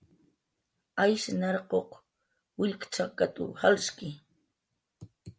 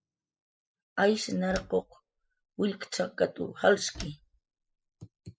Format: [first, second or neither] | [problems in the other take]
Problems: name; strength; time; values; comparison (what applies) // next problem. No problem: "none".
first | noise reduction (classical method spectral subtraction)